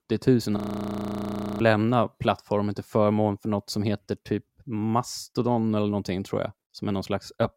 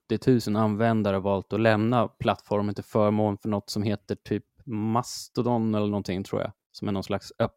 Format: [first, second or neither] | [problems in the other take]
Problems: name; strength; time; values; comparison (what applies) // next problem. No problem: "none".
second | audio freezing; at 0.5 s for 1 s